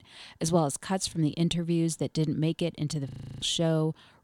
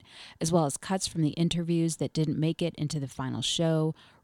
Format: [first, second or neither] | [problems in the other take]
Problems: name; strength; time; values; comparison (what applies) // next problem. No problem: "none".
second | audio freezing; at 3 s